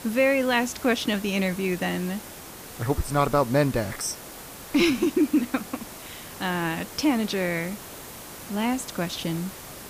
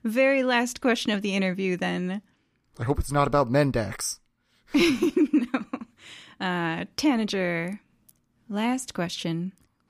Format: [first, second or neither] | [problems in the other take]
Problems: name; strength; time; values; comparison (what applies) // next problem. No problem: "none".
second | hiss; noticeable; throughout; 15 dB below the speech